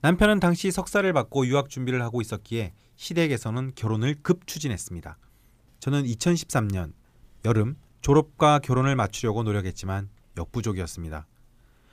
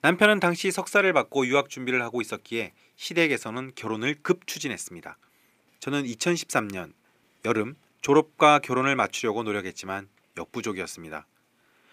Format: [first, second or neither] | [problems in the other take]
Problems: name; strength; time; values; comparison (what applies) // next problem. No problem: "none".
first | thin; somewhat; fading below 300 Hz